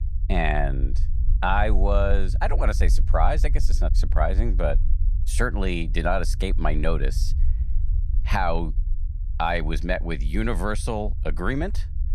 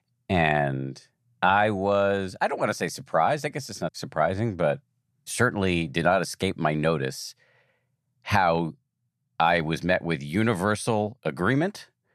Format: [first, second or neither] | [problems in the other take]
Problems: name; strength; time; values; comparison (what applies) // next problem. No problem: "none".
second | low rumble; faint; throughout; 20 dB below the speech